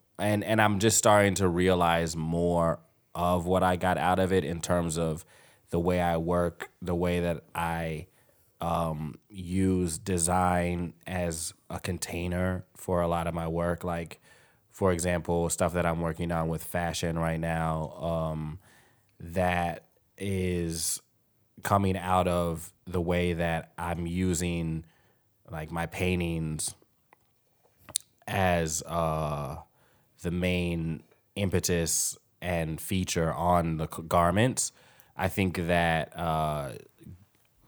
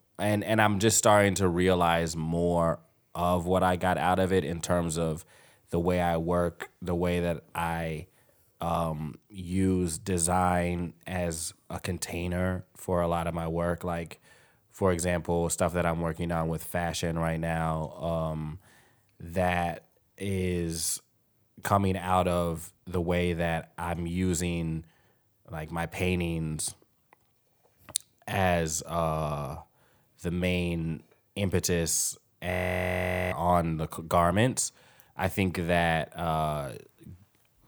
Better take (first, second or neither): first